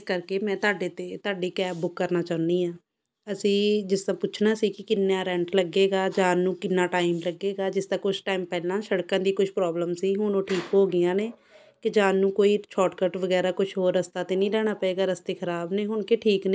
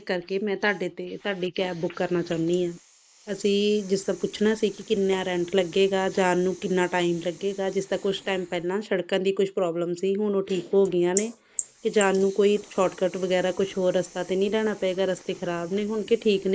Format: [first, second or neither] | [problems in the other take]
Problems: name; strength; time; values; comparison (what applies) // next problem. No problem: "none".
first | noise reduction (neural mask model Resemble Enhance denoiser)